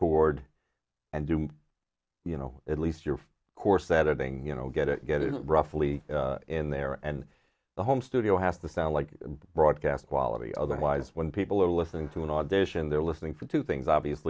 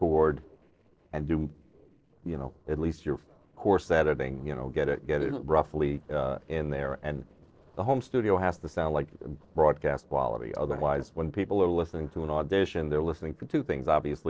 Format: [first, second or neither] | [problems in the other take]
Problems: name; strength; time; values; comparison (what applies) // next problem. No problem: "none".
first | noise reduction (neural separator model SepFormer DNS4)